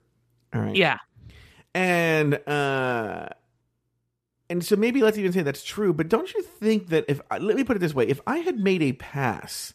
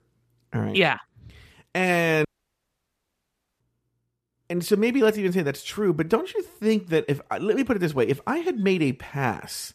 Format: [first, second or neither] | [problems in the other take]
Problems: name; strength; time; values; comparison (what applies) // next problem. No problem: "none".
first | audio cutting out; at 2.5 s for 1.5 s